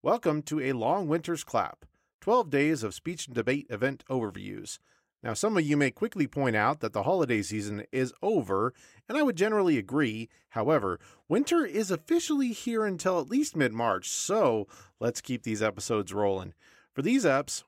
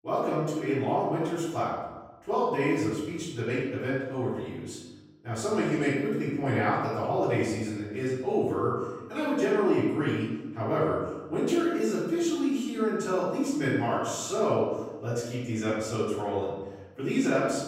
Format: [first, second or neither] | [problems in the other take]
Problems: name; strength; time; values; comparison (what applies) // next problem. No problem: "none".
first | room echo; noticeable; dies away in 1 s // off-mic speech; far